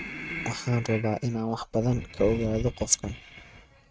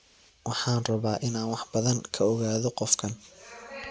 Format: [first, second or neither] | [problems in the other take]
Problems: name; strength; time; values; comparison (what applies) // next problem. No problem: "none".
second | noise reduction (neural mask model RNNoise)